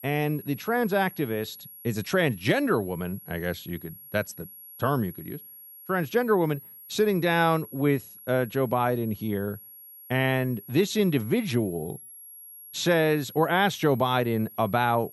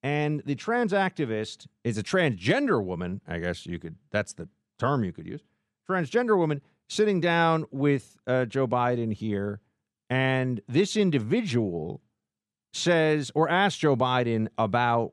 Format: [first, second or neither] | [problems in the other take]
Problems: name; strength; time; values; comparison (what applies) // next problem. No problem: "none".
second | high-pitched whine; noticeable; throughout; 11.5 kHz, 15 dB below the speech